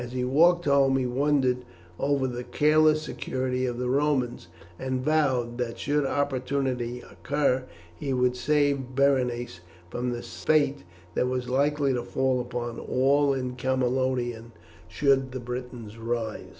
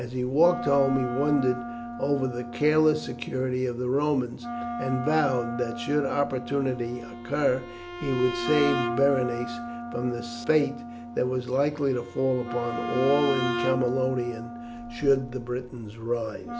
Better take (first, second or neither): first